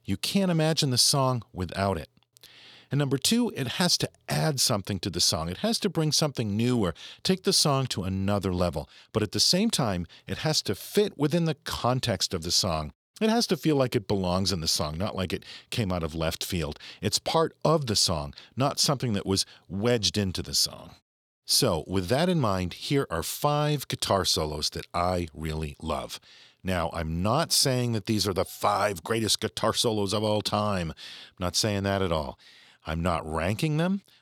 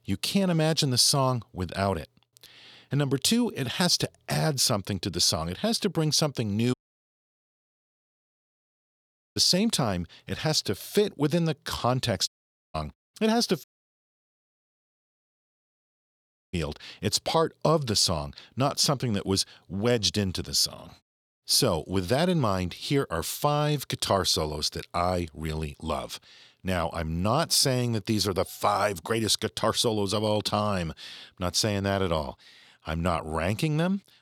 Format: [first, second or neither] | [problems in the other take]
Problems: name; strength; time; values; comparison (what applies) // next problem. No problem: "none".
first | audio cutting out; at 6.5 s for 2.5 s, at 12 s and at 14 s for 3 s